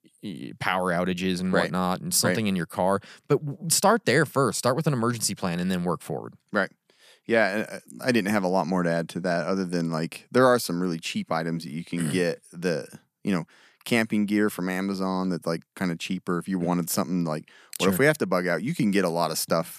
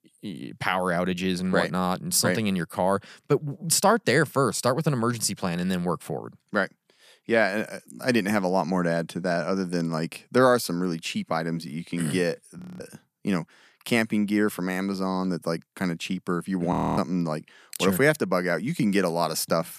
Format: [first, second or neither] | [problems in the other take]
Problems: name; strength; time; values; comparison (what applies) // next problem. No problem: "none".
first | audio freezing; at 13 s and at 17 s